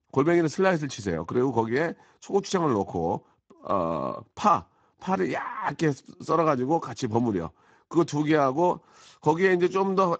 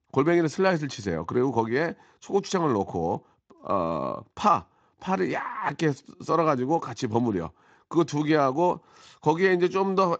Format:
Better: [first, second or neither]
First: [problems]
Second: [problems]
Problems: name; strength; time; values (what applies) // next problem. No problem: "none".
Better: second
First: garbled, watery; badly; nothing above 7.5 kHz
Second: garbled, watery; slightly